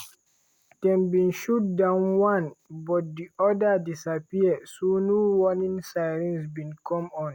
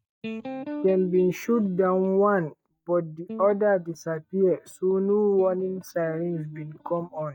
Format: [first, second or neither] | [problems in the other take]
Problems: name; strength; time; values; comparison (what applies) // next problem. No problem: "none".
first | noise reduction (neural mask model DeepFilterNet 3)